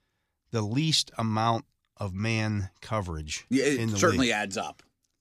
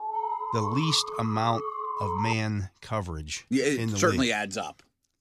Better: first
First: none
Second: alarm; noticeable; until 2.5 s; peak 3 dB below the speech

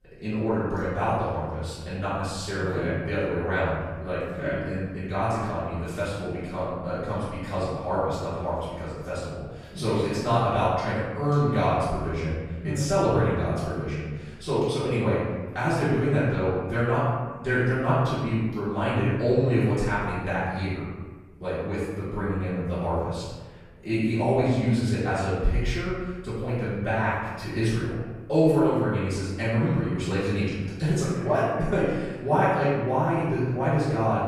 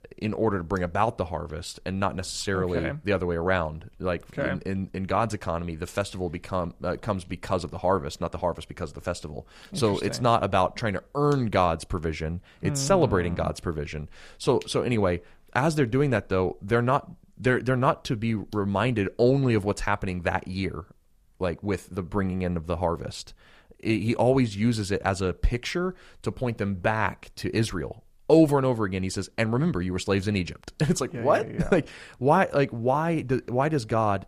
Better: second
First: off-mic speech; far // room echo; strong; dies away in 1.2 s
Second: none

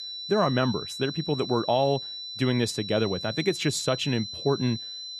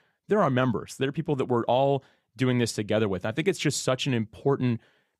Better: second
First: high-pitched whine; loud; throughout; 4 kHz, 8 dB below the speech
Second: none

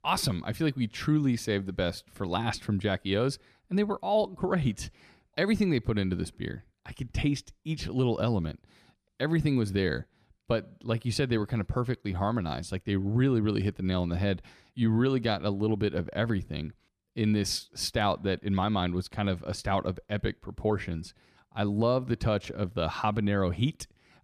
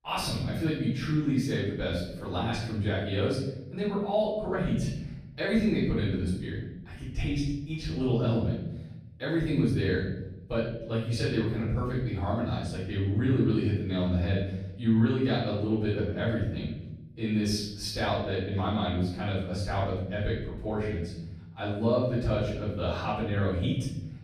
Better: first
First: none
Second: off-mic speech; far // room echo; noticeable; dies away in 0.9 s

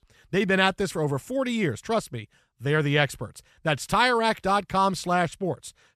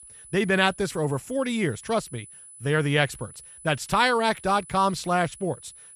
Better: first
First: none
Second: high-pitched whine; noticeable; throughout; 10 kHz, 20 dB below the speech

